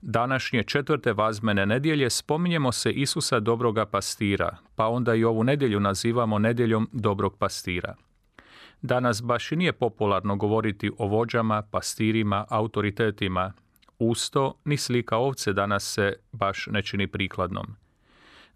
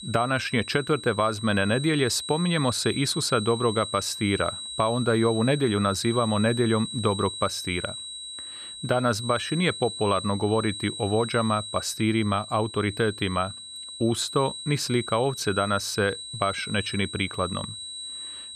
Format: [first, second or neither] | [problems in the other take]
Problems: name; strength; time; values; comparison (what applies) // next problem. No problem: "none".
first | high-pitched whine; loud; throughout; 4 kHz, 9 dB below the speech